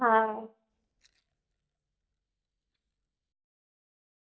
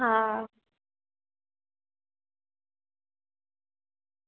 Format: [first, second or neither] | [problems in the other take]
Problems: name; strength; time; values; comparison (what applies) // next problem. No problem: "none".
second | noise reduction (neural mask model DeepFilterNet 3)